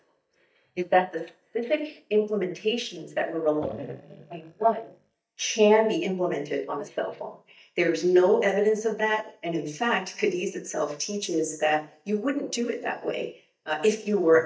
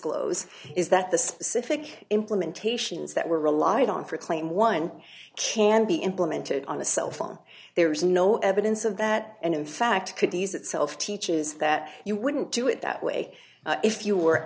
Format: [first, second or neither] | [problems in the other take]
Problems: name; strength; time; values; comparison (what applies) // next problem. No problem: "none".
second | noise reduction (neural mask model DeepFilterNet 3)